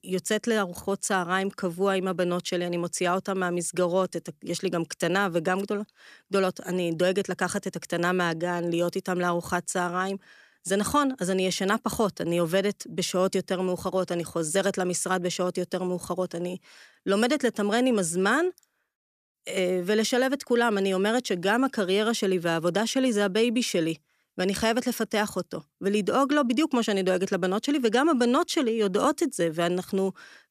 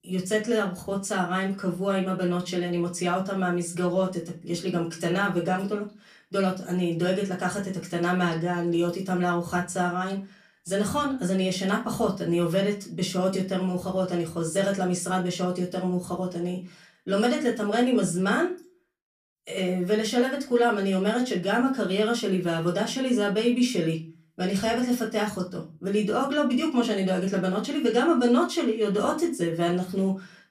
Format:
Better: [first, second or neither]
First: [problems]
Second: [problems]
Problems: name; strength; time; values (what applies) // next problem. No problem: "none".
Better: first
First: none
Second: off-mic speech; far // room echo; very slight; dies away in 0.3 s